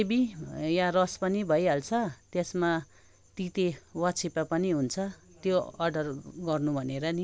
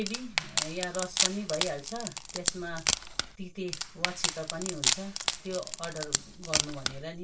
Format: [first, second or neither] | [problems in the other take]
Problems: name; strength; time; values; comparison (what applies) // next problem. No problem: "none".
first | background sound (Wood); 5 dB above the speech // room echo; dies away in 0.2 s